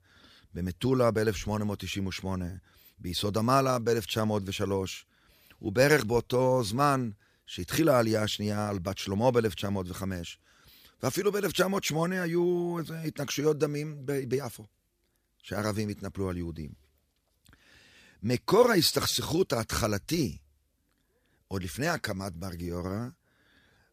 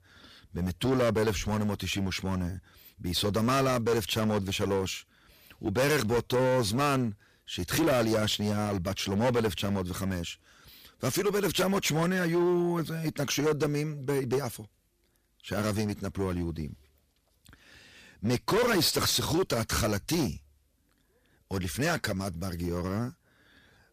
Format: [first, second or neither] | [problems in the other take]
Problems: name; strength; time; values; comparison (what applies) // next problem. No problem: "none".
first | distortion; heavy; 10% of the sound clipped